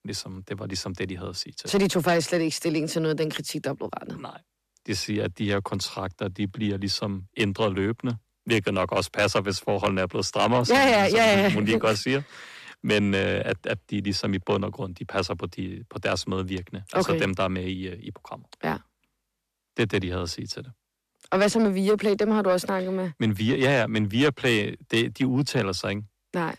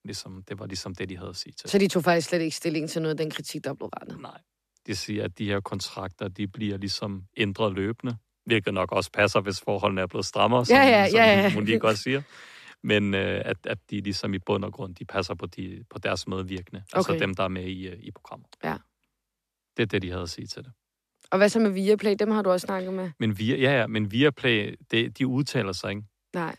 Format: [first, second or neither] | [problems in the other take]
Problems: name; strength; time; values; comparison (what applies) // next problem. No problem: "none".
second | distortion; slight; 10 dB below the speech